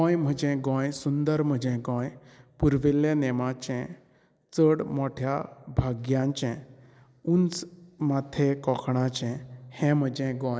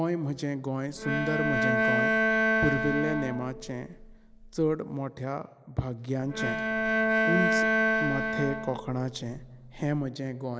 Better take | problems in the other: first | background sound (Bowed string instrument); 3 dB above the speech

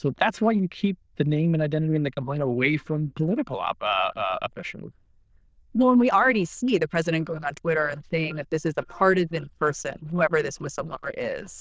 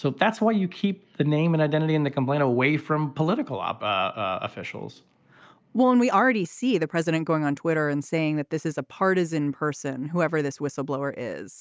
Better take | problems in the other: second | noise reduction (neural diffusion model UNIVERSE++)

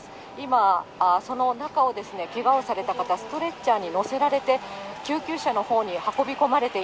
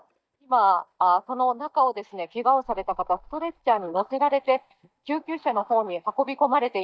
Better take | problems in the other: first | noise reduction (neural mask model DeepFilterNet 3)

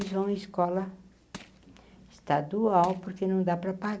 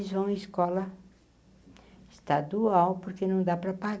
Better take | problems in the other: second | background sound (Crushing); 19 dB below the speech

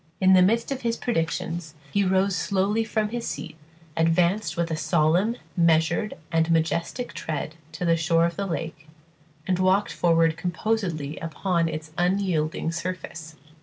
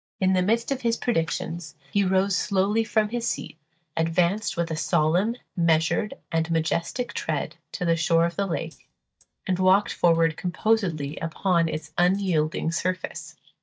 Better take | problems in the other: first | noise reduction (neural mask model DeepFilterNet 3)

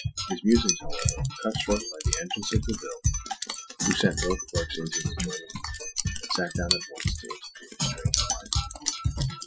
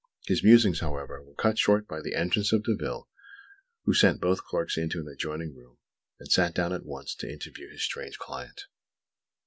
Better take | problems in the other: second | noise reduction (classical method Wiener filter)

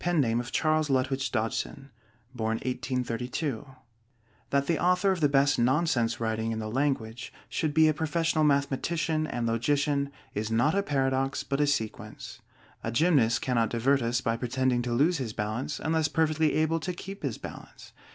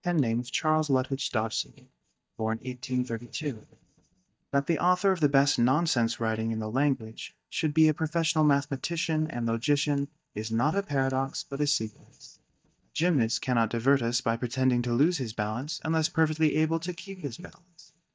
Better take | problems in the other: first | noise reduction (neural mask model DeepFilterNet 3)

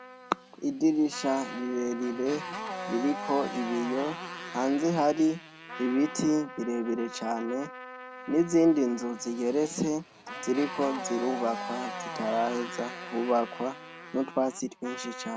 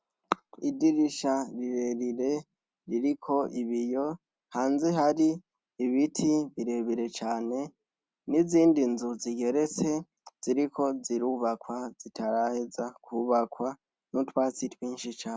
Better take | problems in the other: second | background sound (Motorcycle + Trumpet); 11 dB below the speech

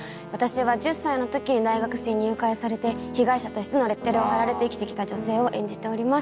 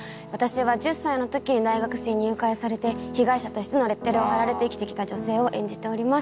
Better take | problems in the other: second | background sound (Wind instrument, woodwind instrument); 19 dB below the speech

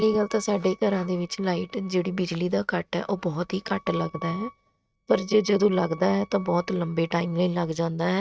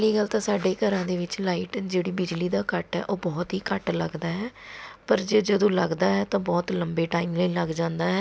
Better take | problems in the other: second | noise reduction (neural mask model RNNoise)

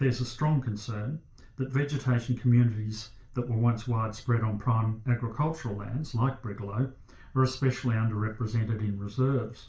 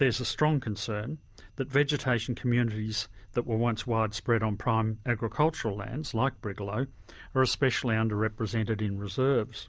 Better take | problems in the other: second | room echo; dies away in 0.3 s

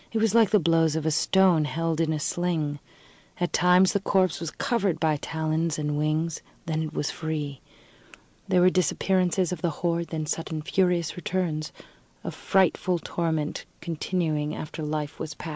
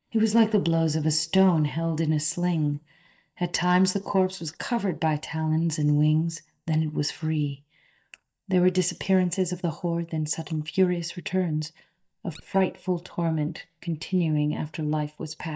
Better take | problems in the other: first | noise reduction (neural mask model DeepFilterNet 3)

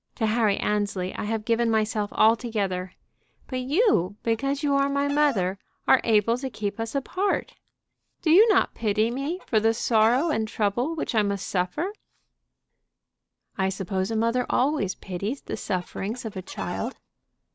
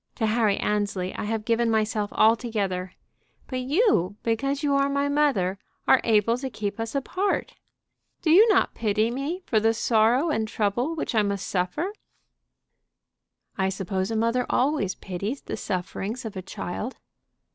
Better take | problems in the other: second | background sound (Chicken, rooster); 17 dB below the speech

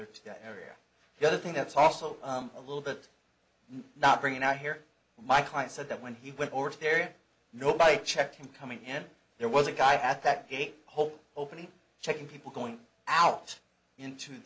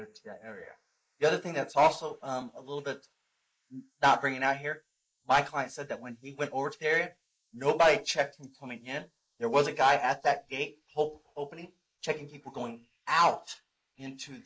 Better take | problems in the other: first | noise reduction (neural mask model Resemble Enhance denoiser)

